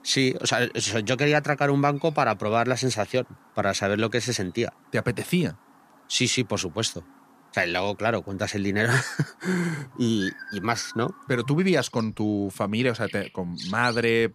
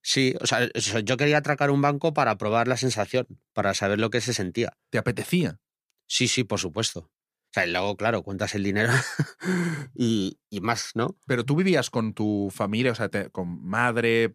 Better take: second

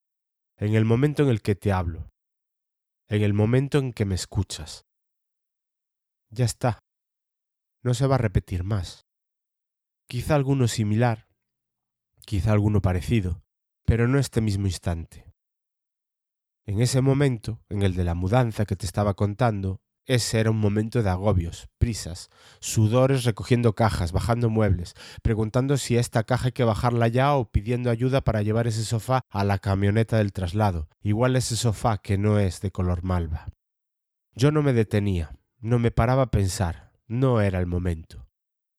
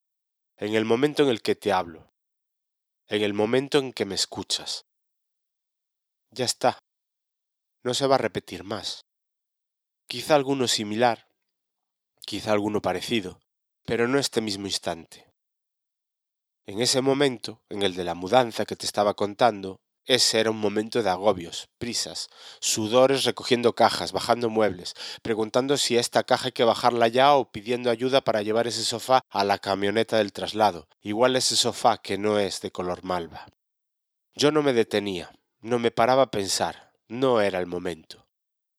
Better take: first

